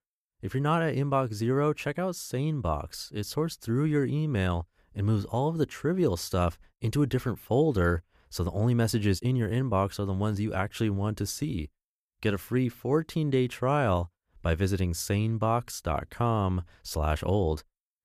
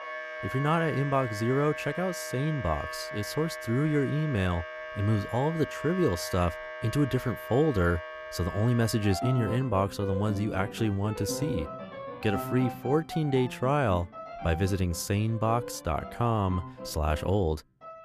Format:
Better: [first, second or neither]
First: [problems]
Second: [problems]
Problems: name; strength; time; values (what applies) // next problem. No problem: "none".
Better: first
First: none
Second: background music; loud; throughout; 9 dB below the speech